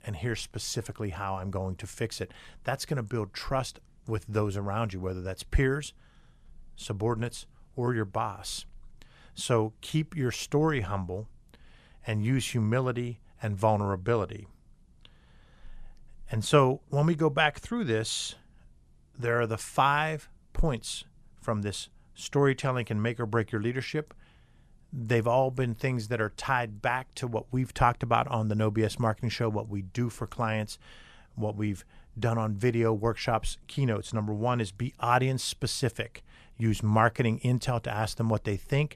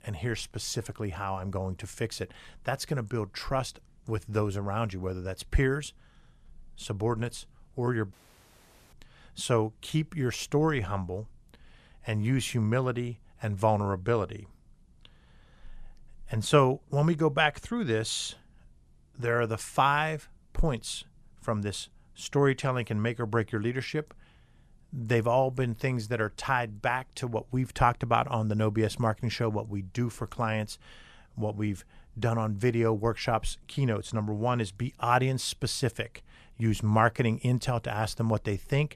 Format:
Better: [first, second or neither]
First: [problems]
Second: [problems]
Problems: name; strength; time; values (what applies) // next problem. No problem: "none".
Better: first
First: none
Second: audio cutting out; at 8 s for 1 s